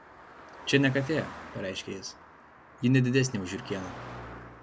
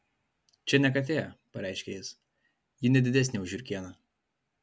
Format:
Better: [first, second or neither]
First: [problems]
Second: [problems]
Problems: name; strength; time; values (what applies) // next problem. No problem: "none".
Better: second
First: background sound (Car passing by); 15 dB below the speech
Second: none